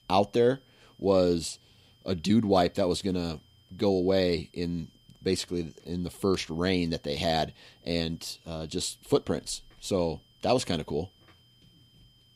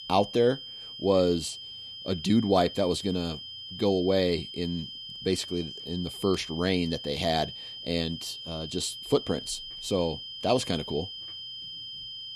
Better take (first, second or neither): first